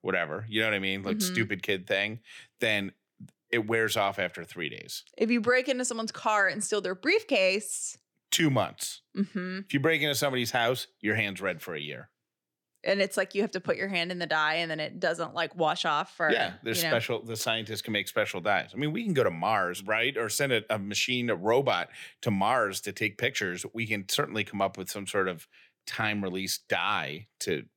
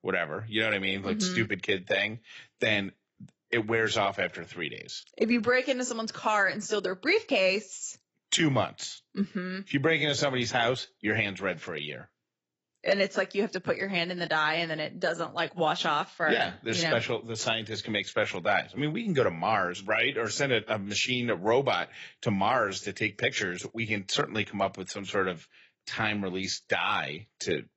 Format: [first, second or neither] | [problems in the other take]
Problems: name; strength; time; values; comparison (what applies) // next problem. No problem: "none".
first | garbled, watery; badly; nothing above 8 kHz